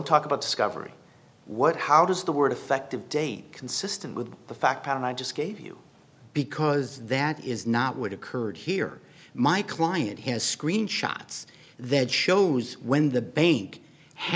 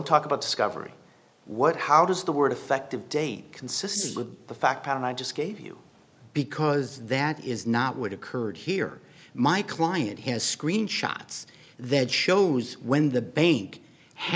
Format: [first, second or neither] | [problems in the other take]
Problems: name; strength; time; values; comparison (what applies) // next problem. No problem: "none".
first | noise reduction (neural mask model Resemble Enhance denoiser)